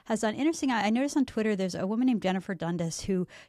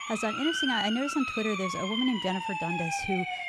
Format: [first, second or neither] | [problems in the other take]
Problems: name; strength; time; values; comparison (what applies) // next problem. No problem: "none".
first | siren; loud; peak 3 dB above the speech